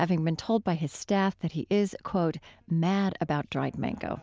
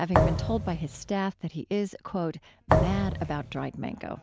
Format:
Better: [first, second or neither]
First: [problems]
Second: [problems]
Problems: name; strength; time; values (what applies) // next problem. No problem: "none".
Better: first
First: none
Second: background sound (Thump, thud); 3 dB above the speech